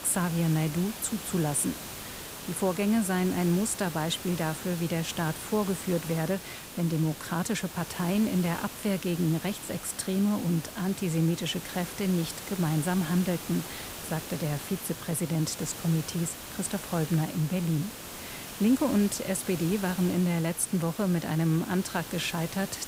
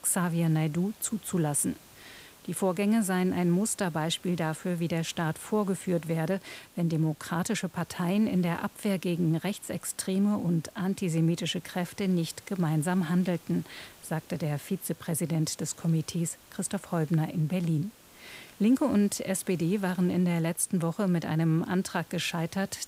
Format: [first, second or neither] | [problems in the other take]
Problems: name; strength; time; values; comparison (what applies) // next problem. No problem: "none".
second | hiss; loud; throughout; 10 dB below the speech; faint in the second